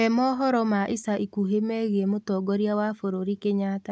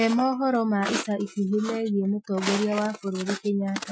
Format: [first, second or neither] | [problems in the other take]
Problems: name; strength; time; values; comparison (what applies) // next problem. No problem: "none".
first | noise reduction (classical method Wiener filter)